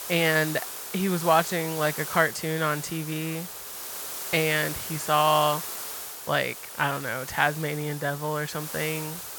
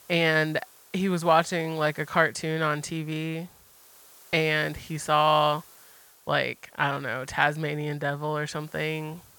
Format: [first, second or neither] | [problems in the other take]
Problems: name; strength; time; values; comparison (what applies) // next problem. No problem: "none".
second | hiss; loud; throughout; 8 dB below the speech; faint in the second